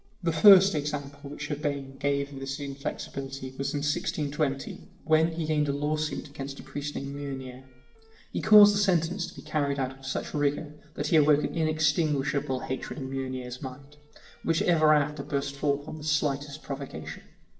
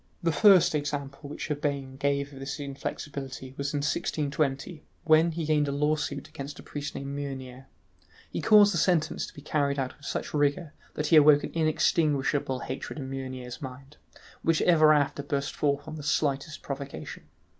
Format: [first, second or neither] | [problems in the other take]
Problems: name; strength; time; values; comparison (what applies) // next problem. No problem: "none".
second | noise reduction (neural separator model SepFormer DNS4)